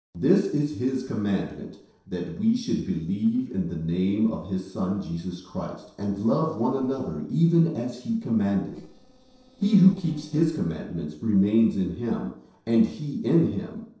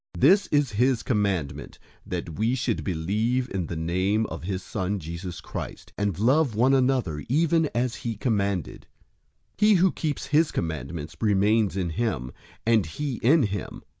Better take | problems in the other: second | noise reduction (neural separator model SepFormer DNS4)

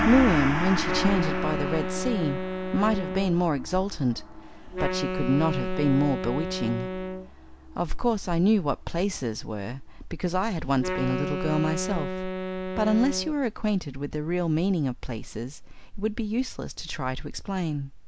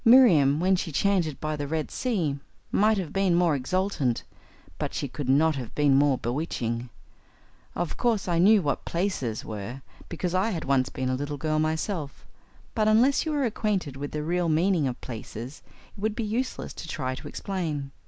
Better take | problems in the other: second | background sound (Wind instrument, woodwind instrument + Gong); 6 dB below the speech

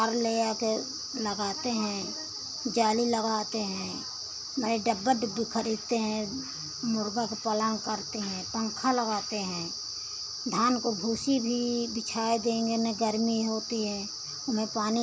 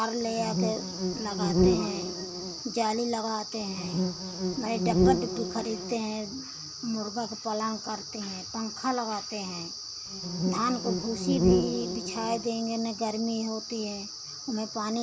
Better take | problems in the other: first | background sound (Insect); 3 dB above the speech

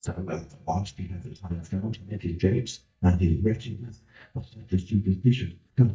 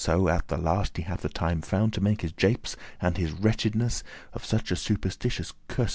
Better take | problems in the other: second | noise reduction (neural mask model DeepFilterNet 3)

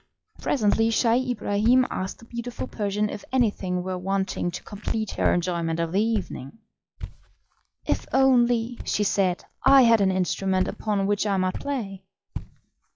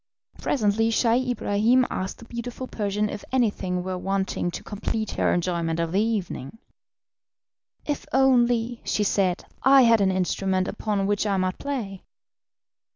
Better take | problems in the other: second | noise reduction (classical method log-MMSE)

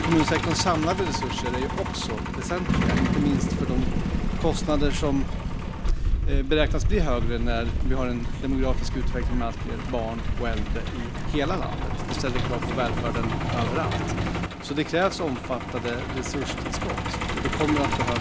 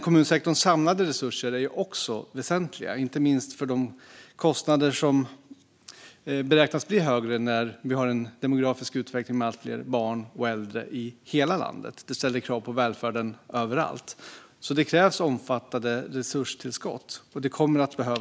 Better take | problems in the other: second | background sound (Truck); 3 dB above the speech

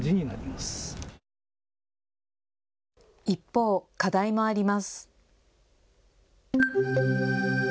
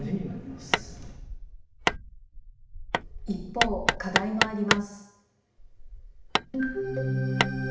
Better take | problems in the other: first | background sound (Hammer); 1 dB above the speech // room echo; dies away in 0.8 s

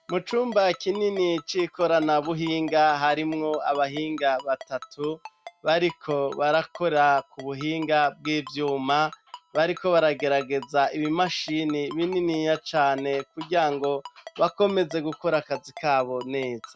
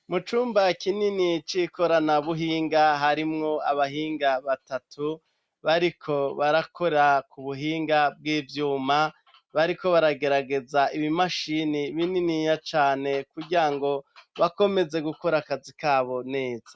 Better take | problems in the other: second | background sound (Ringtone); 20 dB below the speech

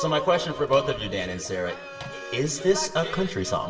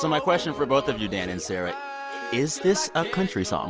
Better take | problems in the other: second | background sound (Microwave oven); 19 dB below the speech // room echo; dies away in 0.7 s

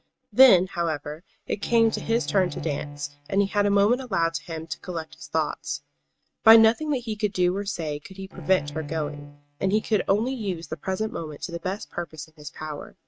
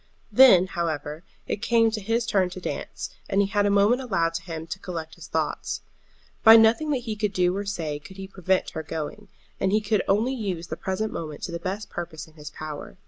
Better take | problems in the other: second | noise reduction (neural mask model RNNoise)

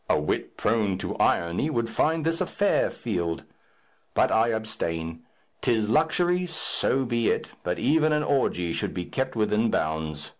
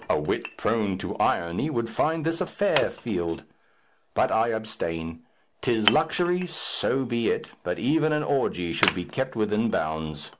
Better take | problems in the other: first | background sound (Wood); 11 dB below the speech

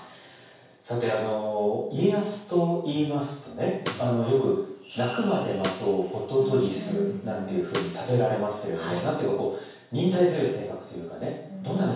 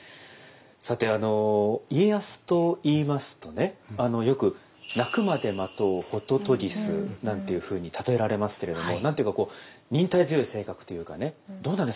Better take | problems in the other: second | background sound (Snare drum); 14 dB below the speech // room echo; dies away in 0.7 s

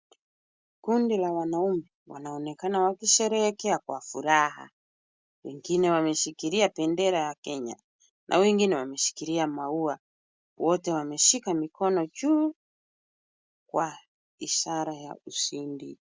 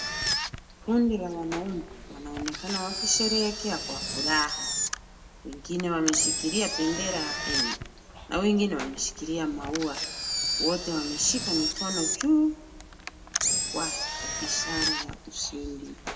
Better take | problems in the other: first | background sound (Engine); 2 dB below the speech // room echo; dies away in 2 s

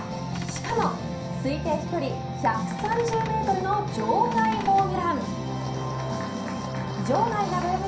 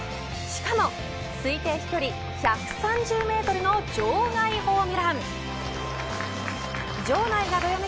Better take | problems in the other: second | background sound (Cupboard open or close / Door); 14 dB below the speech // room echo; dies away in 0.6 s

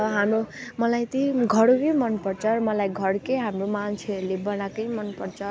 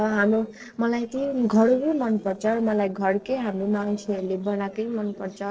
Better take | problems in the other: first | noise reduction (neural separator model SepFormer DNS4)

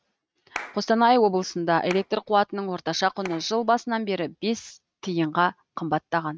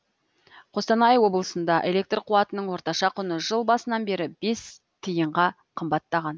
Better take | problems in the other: second | noise reduction (neural mask model RNNoise)

